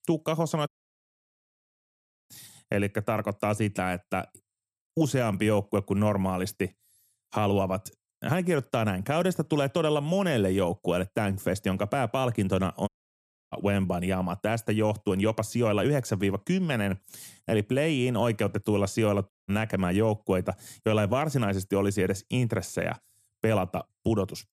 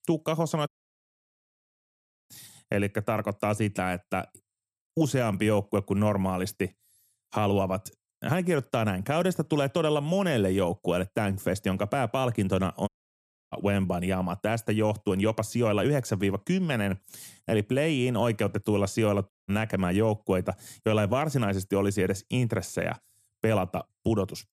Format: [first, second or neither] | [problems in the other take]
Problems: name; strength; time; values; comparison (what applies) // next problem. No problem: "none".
neither | audio cutting out; at 0.5 s for 1.5 s, at 13 s for 0.5 s and at 19 s; the same in both